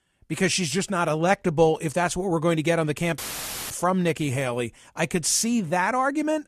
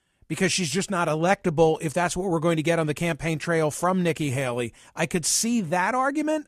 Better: second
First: audio cutting out; filled with static; at 3 s for 0.5 s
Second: none

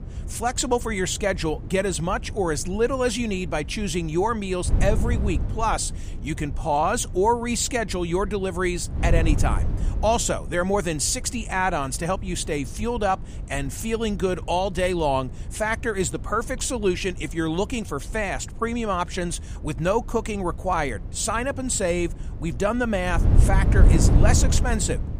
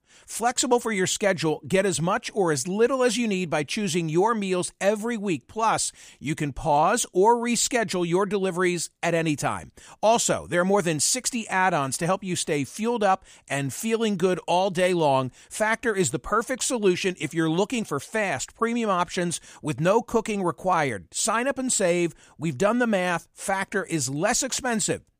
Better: second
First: wind noise on the microphone; occasional gusts; 15 dB below the speech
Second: none

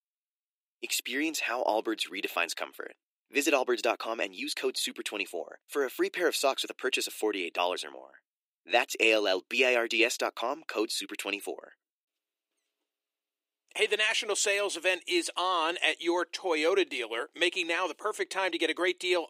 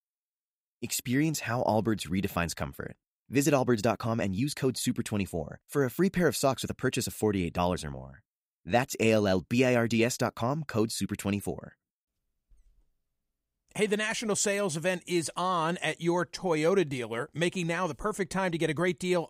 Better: second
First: thin; very; fading below 300 Hz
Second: none

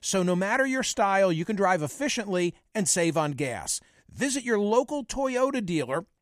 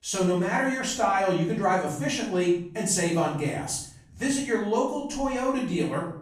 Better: first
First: none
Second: room echo; noticeable; dies away in 0.6 s // off-mic speech; far

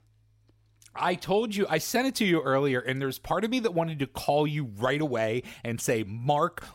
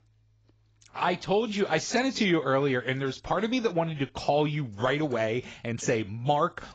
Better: first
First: none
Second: garbled, watery; badly; nothing above 7.5 kHz

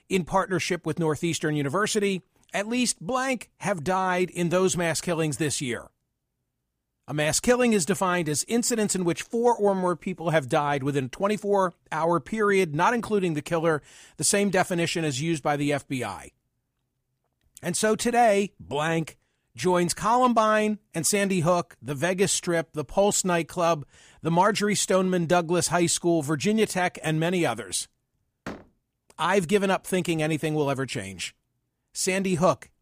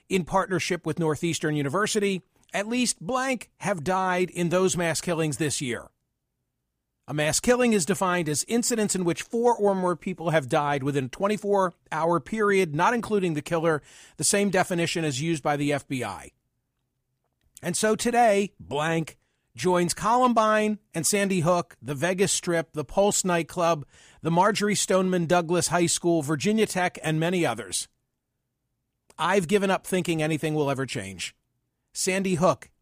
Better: second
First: door banging; faint; at 28 s; peak 15 dB below the speech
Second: none

